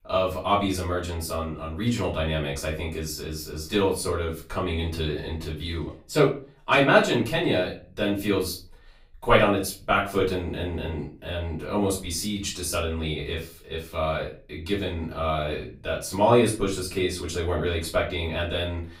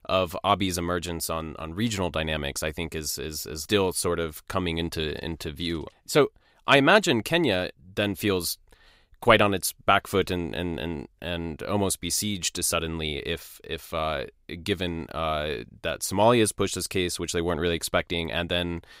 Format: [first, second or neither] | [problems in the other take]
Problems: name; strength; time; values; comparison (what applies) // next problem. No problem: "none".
second | off-mic speech; far // room echo; slight; dies away in 0.3 s